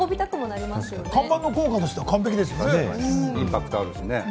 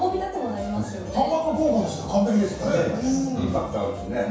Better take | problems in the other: first | room echo; dies away in 0.7 s

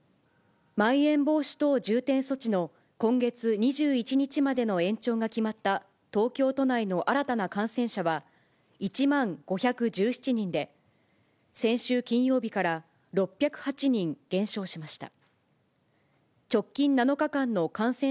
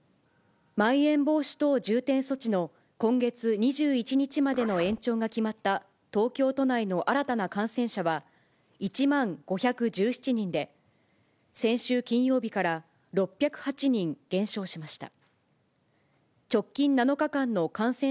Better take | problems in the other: first | background sound (Zipper (clothing)); 17 dB below the speech

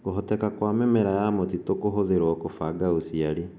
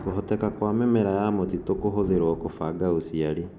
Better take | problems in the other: first | background sound (Thunder); 16 dB below the speech

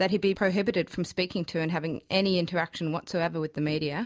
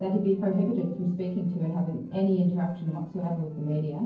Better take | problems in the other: first | noise reduction (neural separator model SepFormer DNS4)

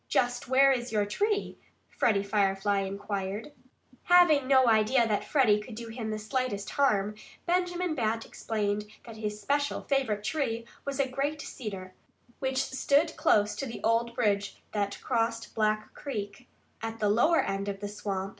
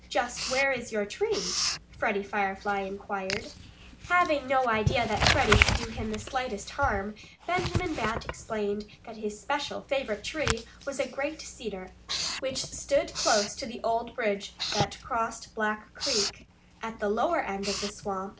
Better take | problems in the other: first | background sound (Writing); 4 dB below the speech

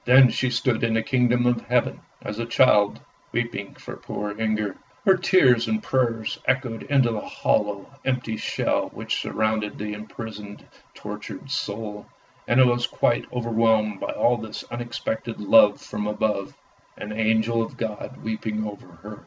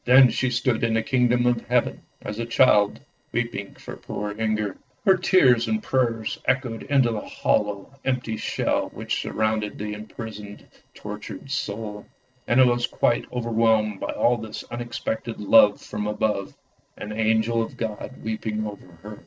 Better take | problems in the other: first | noise reduction (neural separator model SepFormer DNS4)

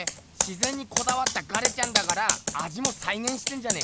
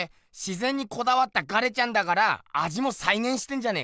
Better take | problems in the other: second | background sound (Computer keyboard); 2 dB above the speech

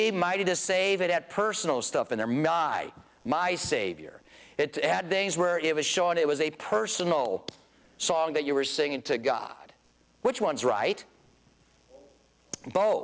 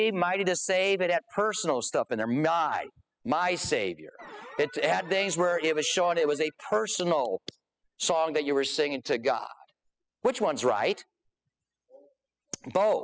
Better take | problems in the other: first | noise reduction (classical method spectral subtraction)

